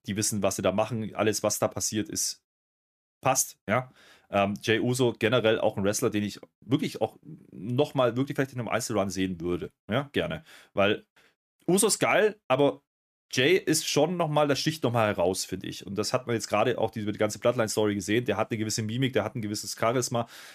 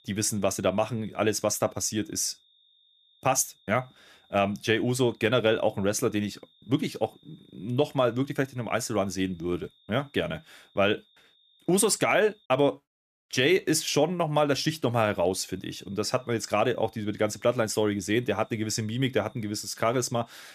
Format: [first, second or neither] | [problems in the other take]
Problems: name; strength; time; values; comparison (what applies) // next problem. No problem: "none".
first | high-pitched whine; faint; until 12 s and from 15 s on; 3.5 kHz, 35 dB below the speech